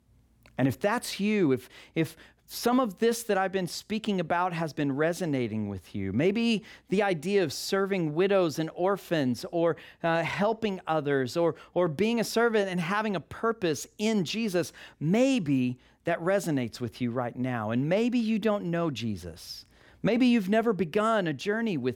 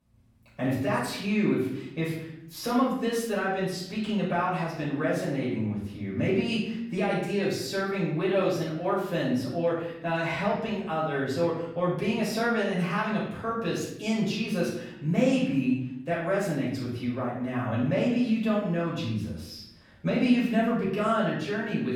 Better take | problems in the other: first | off-mic speech; far // room echo; noticeable; dies away in 0.7 s

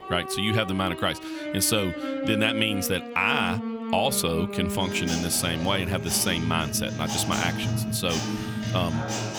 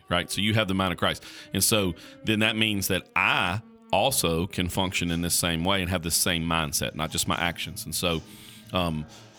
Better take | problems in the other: second | background music; loud; throughout; 5 dB below the speech; faint in the second

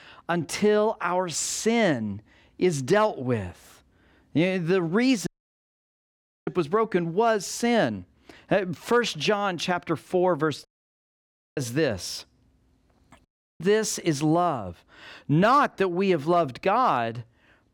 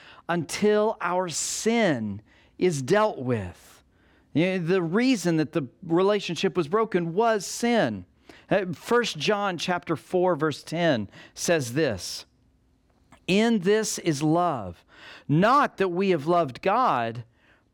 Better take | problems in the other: second | audio cutting out; at 5.5 s for 1 s, at 11 s for 1 s and at 13 s

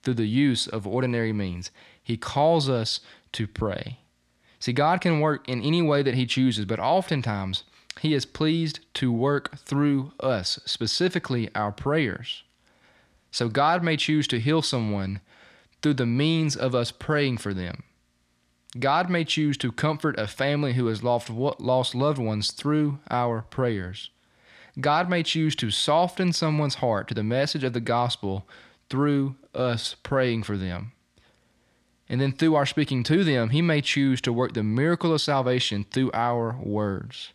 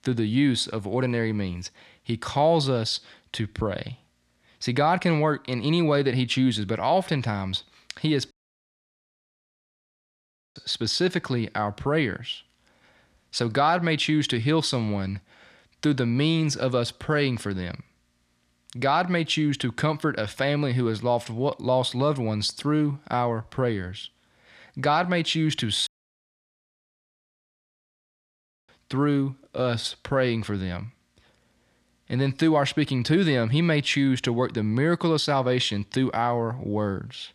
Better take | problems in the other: first | audio cutting out; at 8.5 s for 2.5 s and at 26 s for 3 s

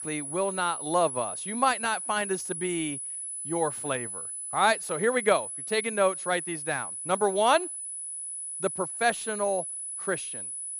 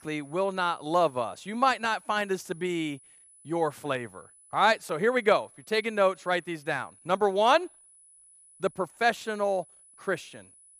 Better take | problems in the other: second | high-pitched whine; loud; throughout; 10 kHz, 5 dB below the speech; faint in the second

